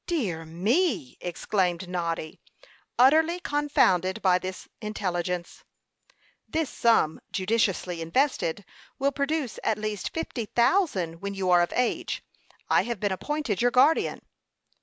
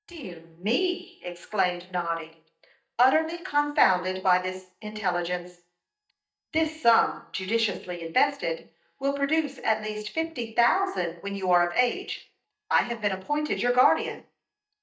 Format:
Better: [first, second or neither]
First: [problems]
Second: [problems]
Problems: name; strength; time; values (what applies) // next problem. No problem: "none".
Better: first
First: none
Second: noise reduction (neural mask model DeepFilterNet 3)